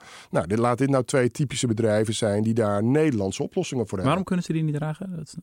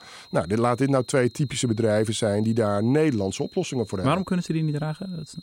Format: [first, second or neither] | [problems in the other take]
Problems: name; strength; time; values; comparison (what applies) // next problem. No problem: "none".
first | high-pitched whine; faint; throughout; 4 kHz, 25 dB below the speech